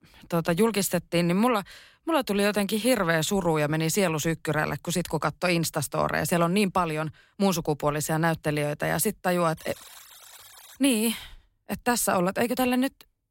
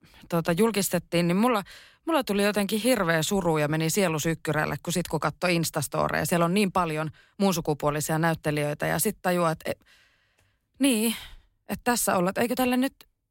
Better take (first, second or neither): second